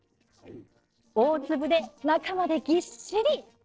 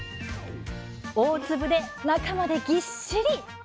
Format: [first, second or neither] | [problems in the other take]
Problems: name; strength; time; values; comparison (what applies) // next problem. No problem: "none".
second | noise reduction (neural separator model SepFormer DNS4)